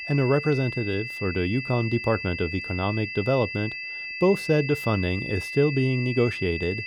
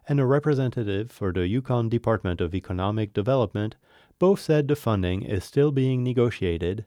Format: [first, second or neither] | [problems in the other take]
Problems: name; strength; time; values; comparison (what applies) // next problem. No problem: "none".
second | high-pitched whine; loud; throughout; 2.5 kHz, 7 dB below the speech